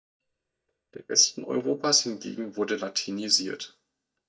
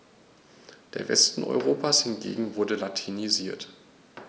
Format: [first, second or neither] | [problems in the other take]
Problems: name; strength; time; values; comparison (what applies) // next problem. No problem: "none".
second | noise reduction (neural mask model DeepFilterNet 3)